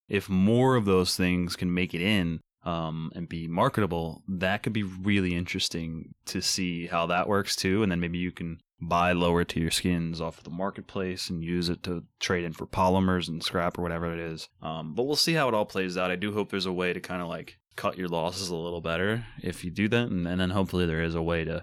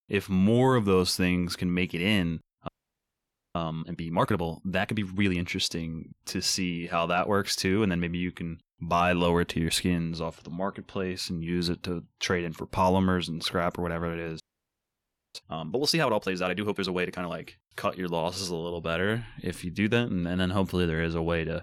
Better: first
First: none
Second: audio freezing; at 2.5 s for 1 s and at 14 s for 1 s

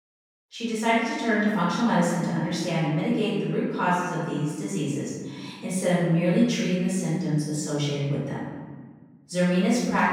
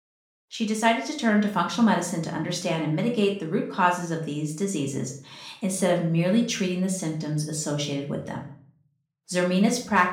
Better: second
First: room echo; strong; dies away in 1.5 s // off-mic speech; far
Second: room echo; slight; dies away in 0.4 s // off-mic speech; somewhat distant

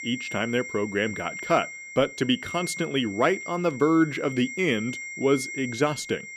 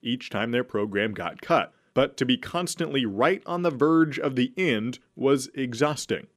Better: second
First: high-pitched whine; loud; throughout; 2 kHz, 10 dB below the speech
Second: none

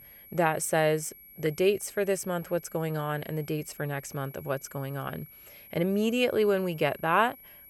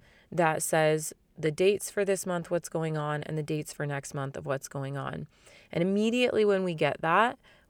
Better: second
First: high-pitched whine; noticeable; throughout; 11.5 kHz, 20 dB below the speech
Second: none

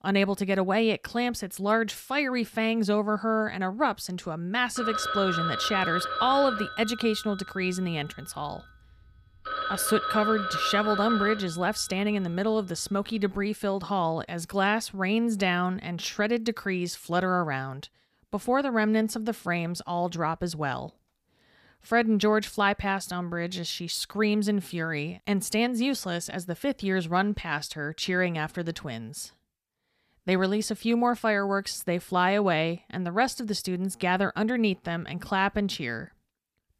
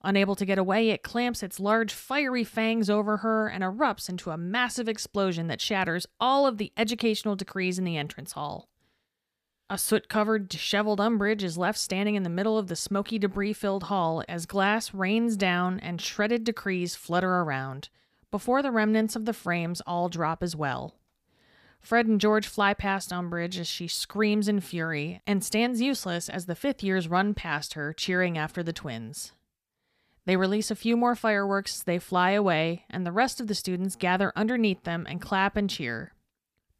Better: second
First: phone ringing; noticeable; from 5 to 12 s; peak level with the speech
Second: none

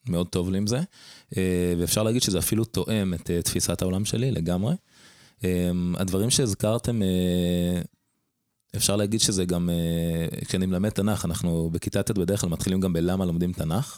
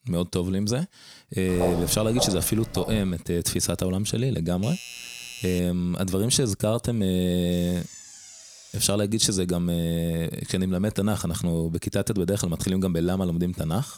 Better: first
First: none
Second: footsteps; noticeable; from 1.5 to 3 s; peak 4 dB below the speech // doorbell; faint; from 4.5 to 5.5 s; peak 10 dB below the speech // door banging; faint; from 7.5 to 9 s; peak 15 dB below the speech

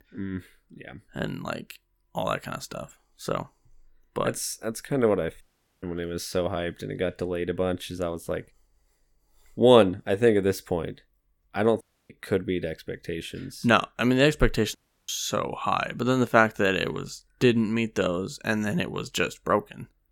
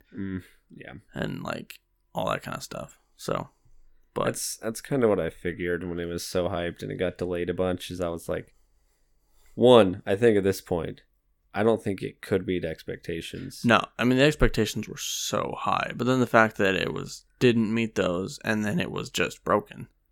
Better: second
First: audio cutting out; at 5.5 s, at 12 s and at 15 s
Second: none

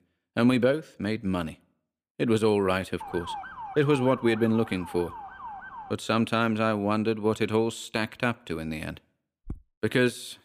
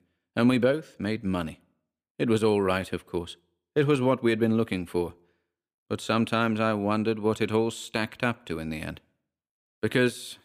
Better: second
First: siren; faint; from 3 to 6 s; peak 10 dB below the speech // footsteps; faint; at 9.5 s; peak 15 dB below the speech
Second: none

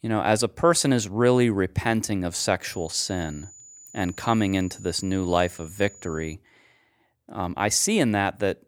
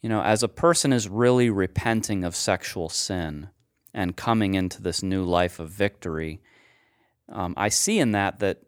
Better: second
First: high-pitched whine; faint; from 2.5 to 6.5 s; 7 kHz, 20 dB below the speech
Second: none

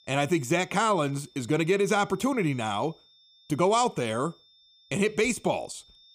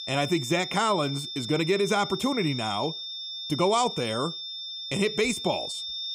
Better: first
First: high-pitched whine; faint; throughout; 3.5 kHz, 30 dB below the speech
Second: high-pitched whine; loud; throughout; 3.5 kHz, 6 dB below the speech

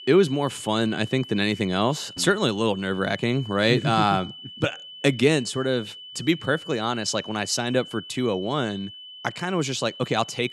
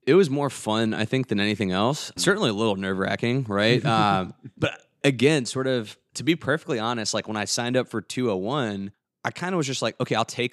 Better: second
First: high-pitched whine; noticeable; throughout; 3 kHz, 15 dB below the speech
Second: none

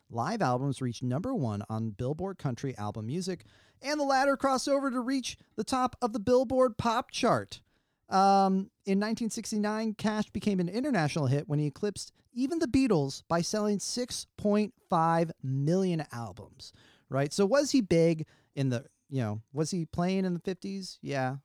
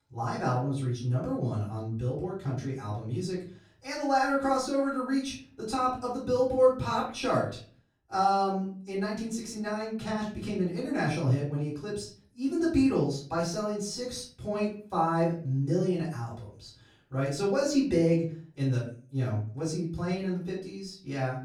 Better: first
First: none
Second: off-mic speech; far // room echo; slight; dies away in 0.4 s

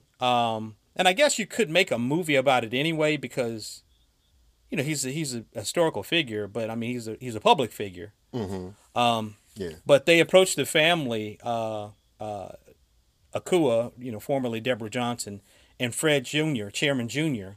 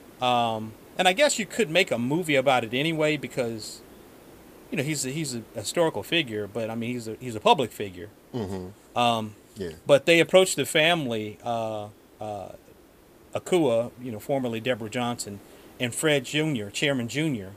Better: first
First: none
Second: hiss; faint; throughout; 25 dB below the speech

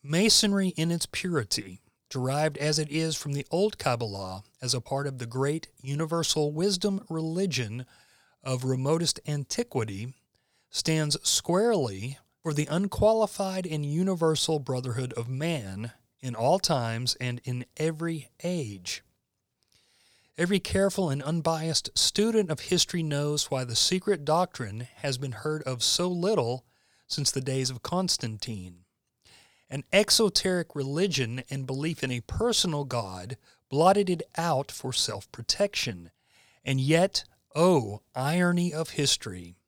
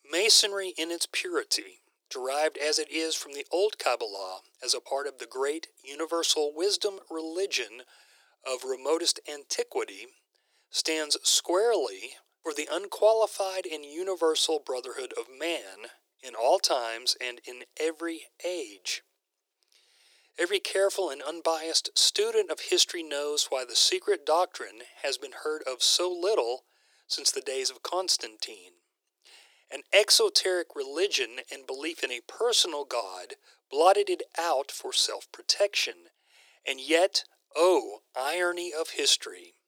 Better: first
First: none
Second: thin; very; fading below 350 Hz

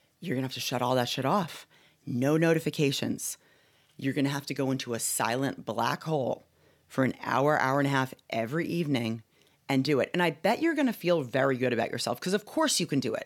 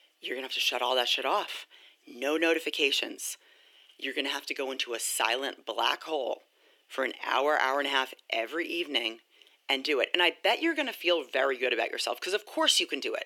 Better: first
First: none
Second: thin; somewhat; fading below 350 Hz

